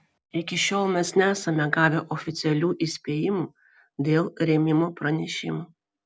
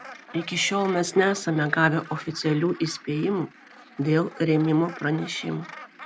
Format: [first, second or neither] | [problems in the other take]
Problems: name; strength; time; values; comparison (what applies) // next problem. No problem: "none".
first | background sound (Gull, seagull); 19 dB below the speech